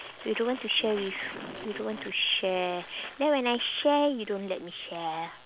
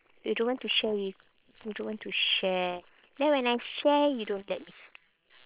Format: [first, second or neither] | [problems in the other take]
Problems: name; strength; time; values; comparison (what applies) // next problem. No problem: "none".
first | noise reduction (neural separator model SepFormer WHAM!)